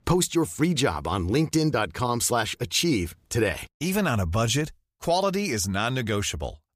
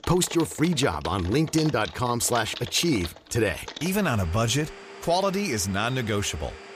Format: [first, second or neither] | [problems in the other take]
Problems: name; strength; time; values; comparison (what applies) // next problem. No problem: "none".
first | household noises; noticeable; throughout; 15 dB below the speech